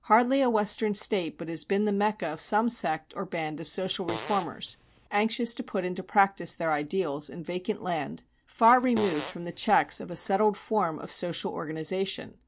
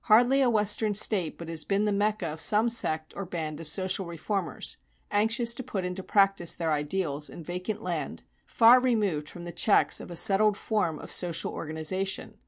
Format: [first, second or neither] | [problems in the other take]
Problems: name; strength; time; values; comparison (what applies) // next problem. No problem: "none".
second | background sound (Fart); 11 dB below the speech